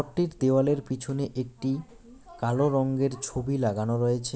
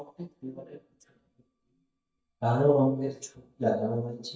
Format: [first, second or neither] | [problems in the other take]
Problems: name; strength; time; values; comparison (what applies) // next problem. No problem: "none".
first | noise reduction (neural mask model DeepFilterNet 3)